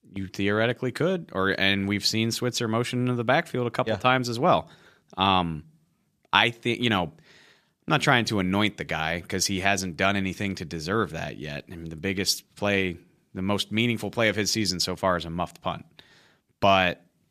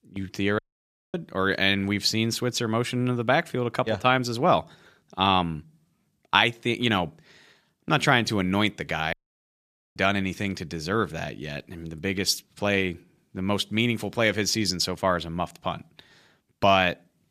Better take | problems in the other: first | audio cutting out; at 0.5 s for 0.5 s and at 9 s for 1 s

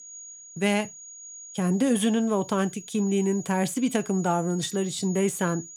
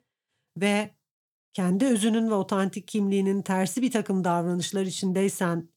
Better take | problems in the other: second | high-pitched whine; noticeable; throughout; 6.5 kHz, 15 dB below the speech

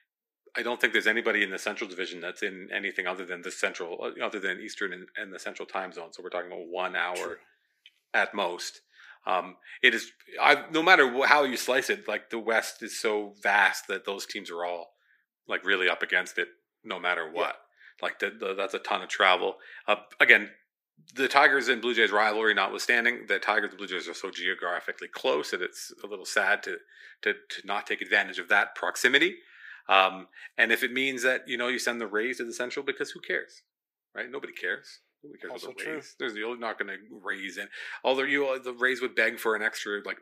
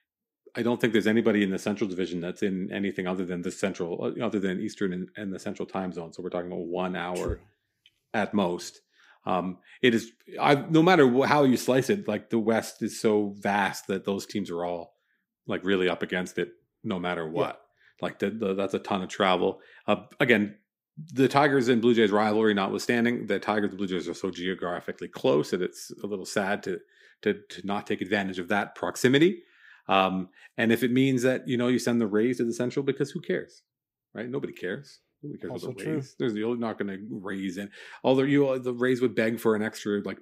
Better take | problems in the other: second | thin; very; fading below 550 Hz

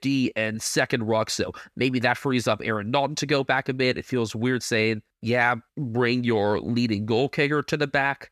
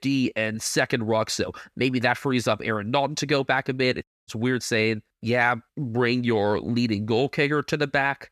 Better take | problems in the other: first | audio cutting out; at 4 s

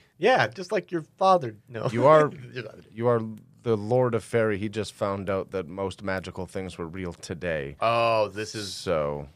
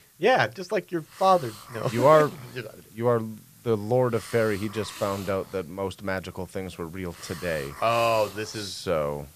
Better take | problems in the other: first | hiss; noticeable; throughout; 15 dB below the speech

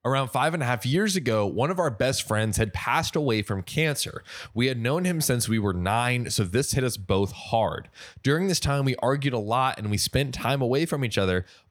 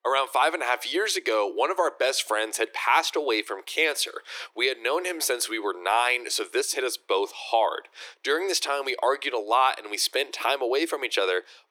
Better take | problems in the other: first | thin; very; fading below 350 Hz

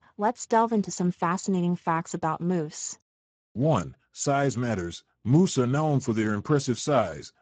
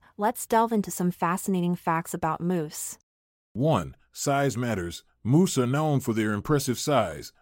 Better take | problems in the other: second | garbled, watery; badly; nothing above 7.5 kHz

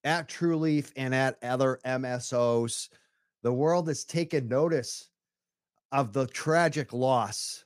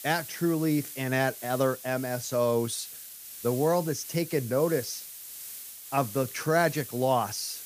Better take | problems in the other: first | hiss; noticeable; throughout; 10 dB below the speech

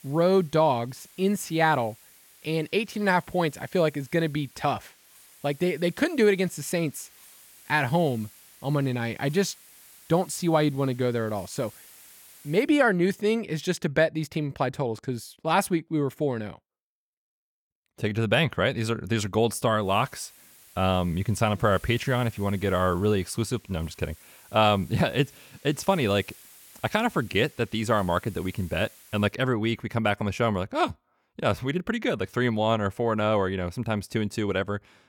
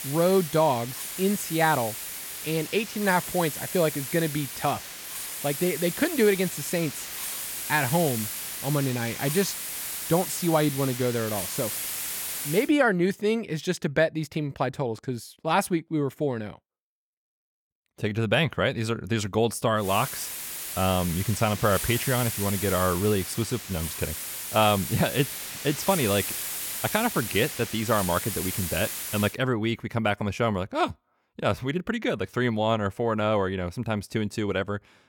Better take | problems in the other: first | hiss; loud; until 13 s and from 20 to 29 s; 5 dB below the speech; faint in the first

